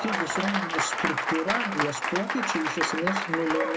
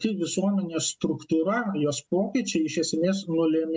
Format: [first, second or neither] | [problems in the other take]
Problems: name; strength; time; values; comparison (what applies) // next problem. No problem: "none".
second | background sound (Applause); 2 dB above the speech